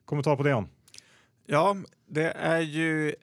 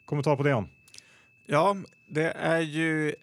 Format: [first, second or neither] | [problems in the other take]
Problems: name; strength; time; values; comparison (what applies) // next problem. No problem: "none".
first | high-pitched whine; faint; throughout; 2.5 kHz, 30 dB below the speech